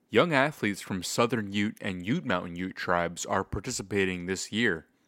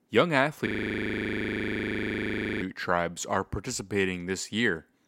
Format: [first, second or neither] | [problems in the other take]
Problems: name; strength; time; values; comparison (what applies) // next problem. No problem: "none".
first | audio freezing; at 0.5 s for 2 s